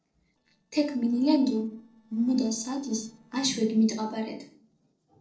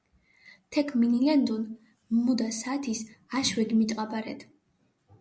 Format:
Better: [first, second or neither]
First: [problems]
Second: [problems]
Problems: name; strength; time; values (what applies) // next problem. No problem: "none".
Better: second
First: noise reduction (neural separator model SepFormer DNS4)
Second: none